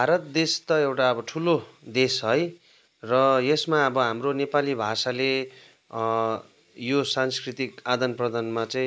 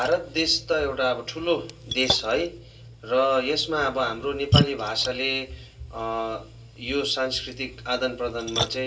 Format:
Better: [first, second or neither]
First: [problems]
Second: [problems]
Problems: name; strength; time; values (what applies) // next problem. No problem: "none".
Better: first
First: none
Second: background sound (Splash, splatter); 5 dB below the speech // room echo; dies away in 0.2 s